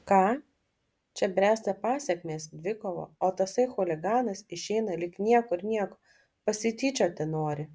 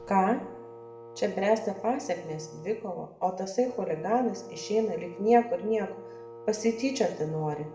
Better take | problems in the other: first | background sound (Wind instrument, woodwind instrument); 16 dB below the speech // room echo; dies away in 0.6 s

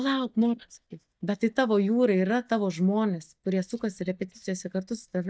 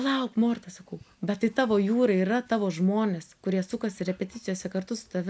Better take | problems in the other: second | noise reduction (neural mask model DeepFilterNet 3)

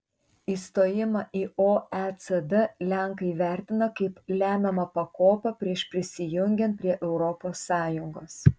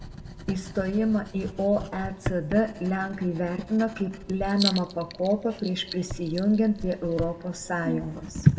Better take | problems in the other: first | background sound (Writing); 10 dB below the speech // room echo; dies away in 1.1 s

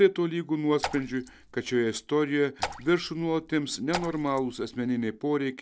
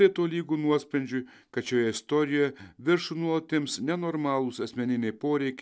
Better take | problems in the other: second | background sound (Raindrop / Splash, splatter); 12 dB below the speech

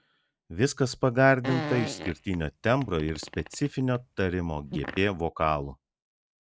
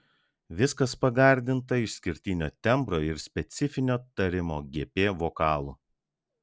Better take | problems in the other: second | noise reduction (neural mask model RNNoise)

